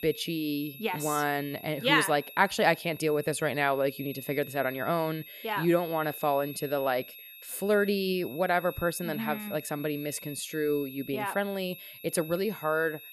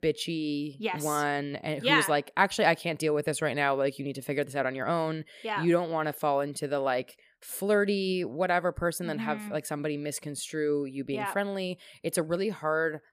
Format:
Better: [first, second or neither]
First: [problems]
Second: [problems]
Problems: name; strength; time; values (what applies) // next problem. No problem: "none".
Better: second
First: high-pitched whine; noticeable; throughout; 2.5 kHz, 15 dB below the speech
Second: none